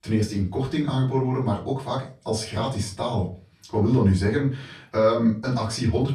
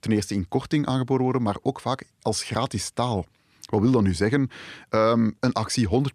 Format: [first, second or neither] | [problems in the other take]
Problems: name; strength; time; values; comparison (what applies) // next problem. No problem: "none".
second | off-mic speech; far // room echo; slight; dies away in 0.4 s